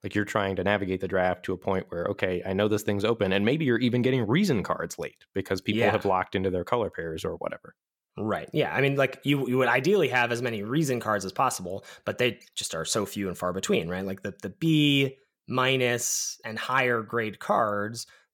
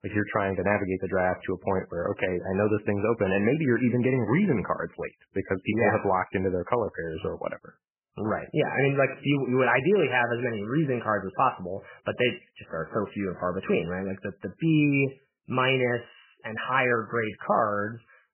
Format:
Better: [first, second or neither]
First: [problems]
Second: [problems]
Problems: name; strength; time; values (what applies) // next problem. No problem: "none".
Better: first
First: none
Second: garbled, watery; badly; nothing above 3 kHz